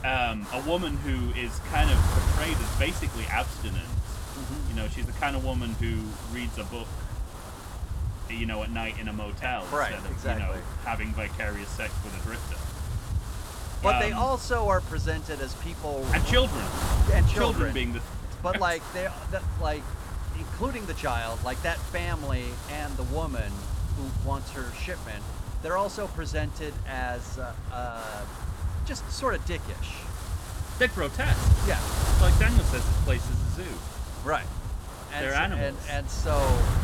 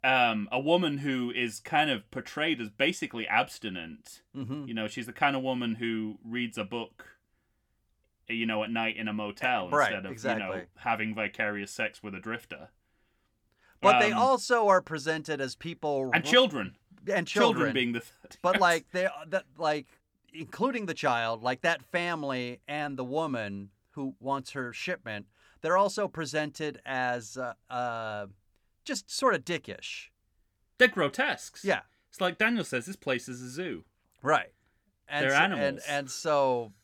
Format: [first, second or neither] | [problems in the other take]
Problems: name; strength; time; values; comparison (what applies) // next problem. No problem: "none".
second | wind noise on the microphone; heavy; 9 dB below the speech